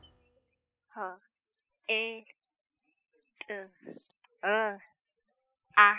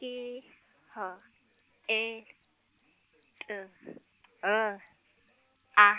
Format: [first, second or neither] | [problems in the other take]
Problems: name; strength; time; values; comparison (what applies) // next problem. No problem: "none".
second | noise reduction (classical method spectral subtraction)